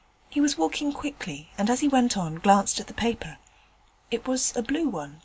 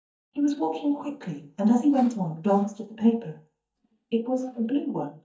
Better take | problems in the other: first | noise reduction (neural mask model DeepFilterNet 3)

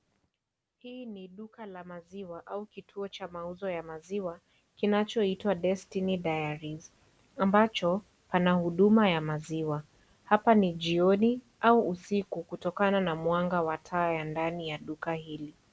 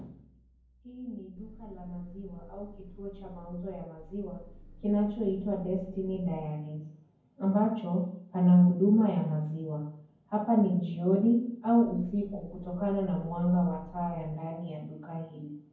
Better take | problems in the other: first | background sound (Engine); 19 dB below the speech // room echo; dies away in 0.9 s

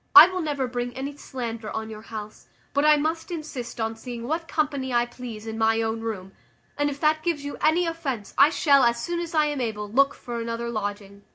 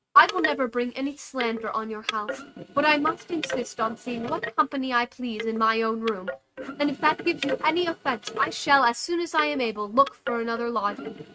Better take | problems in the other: first | noise reduction (neural mask model RNNoise)

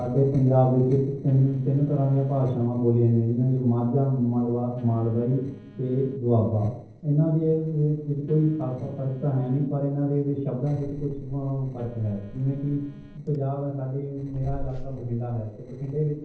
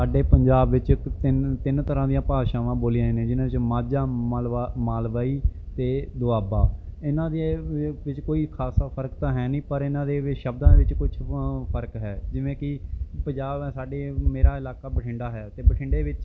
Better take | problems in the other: second | noise reduction (neural separator model SepFormer DNS4)

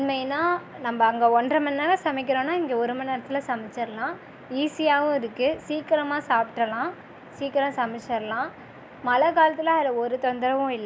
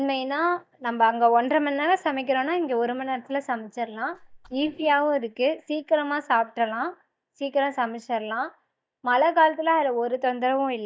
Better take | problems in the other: first | noise reduction (neural mask model DeepFilterNet 3)

